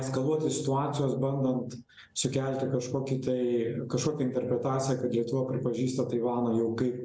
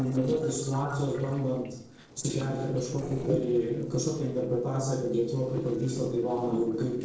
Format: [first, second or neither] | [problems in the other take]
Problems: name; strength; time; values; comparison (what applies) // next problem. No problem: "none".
first | noise reduction (neural separator model SepFormer DNS4)